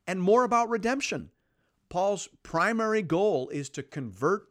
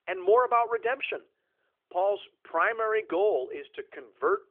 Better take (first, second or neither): first